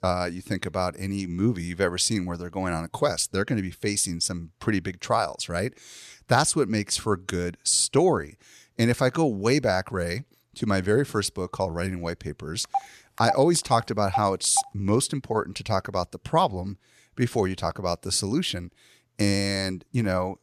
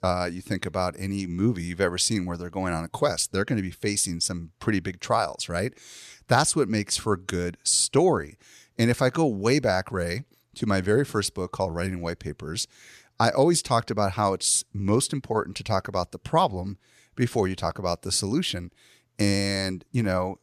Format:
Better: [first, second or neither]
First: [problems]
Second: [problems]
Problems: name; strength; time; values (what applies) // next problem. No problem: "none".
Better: second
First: phone ringing; noticeable; from 13 to 15 s; peak 6 dB below the speech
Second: none